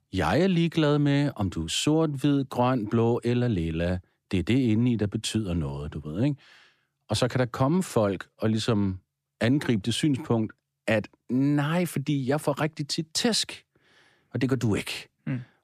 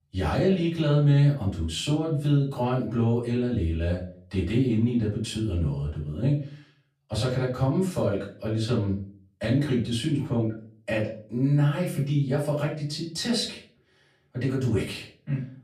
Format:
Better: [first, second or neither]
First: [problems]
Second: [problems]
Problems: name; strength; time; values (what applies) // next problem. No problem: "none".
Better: first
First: none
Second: off-mic speech; far // room echo; slight; dies away in 0.4 s